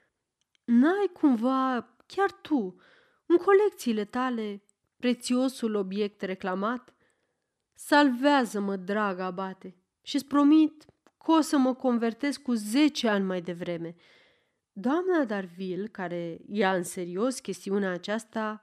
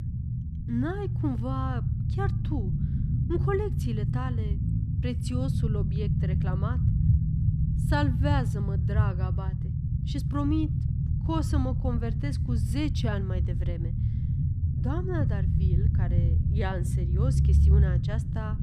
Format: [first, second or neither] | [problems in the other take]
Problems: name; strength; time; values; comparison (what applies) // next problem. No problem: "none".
first | low rumble; loud; throughout; 4 dB below the speech